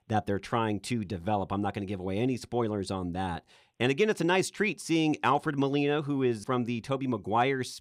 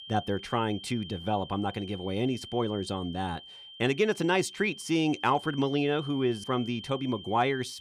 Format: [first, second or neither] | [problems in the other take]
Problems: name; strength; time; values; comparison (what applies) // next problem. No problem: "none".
first | high-pitched whine; noticeable; throughout; 3 kHz, 15 dB below the speech